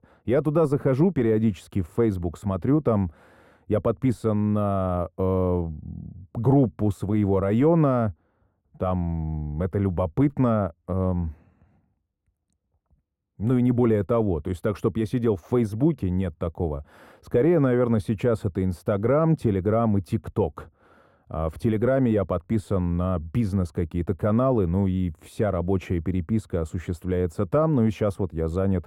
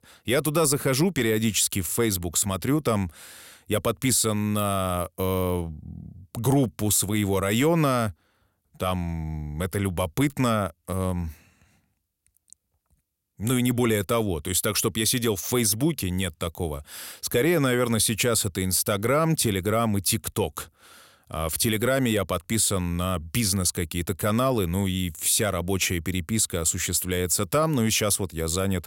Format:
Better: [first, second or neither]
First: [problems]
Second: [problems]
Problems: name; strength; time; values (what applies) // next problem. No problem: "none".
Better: second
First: muffled; very; fading above 2 kHz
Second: none